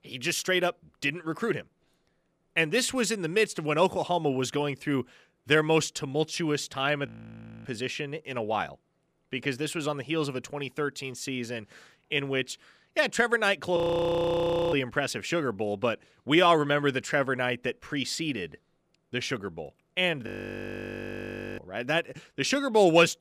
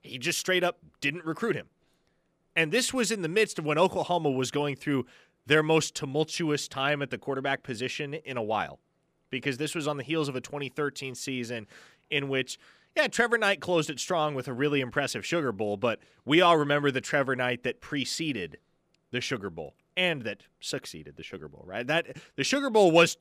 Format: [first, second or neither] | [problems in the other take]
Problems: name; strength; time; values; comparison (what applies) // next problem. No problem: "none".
second | audio freezing; at 7 s for 0.5 s, at 14 s for 1 s and at 20 s for 1.5 s